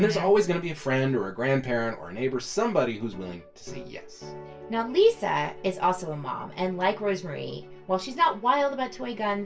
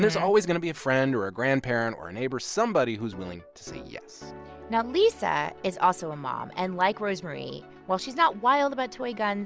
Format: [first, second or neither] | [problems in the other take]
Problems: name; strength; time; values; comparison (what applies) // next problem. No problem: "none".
second | room echo; dies away in 0.2 s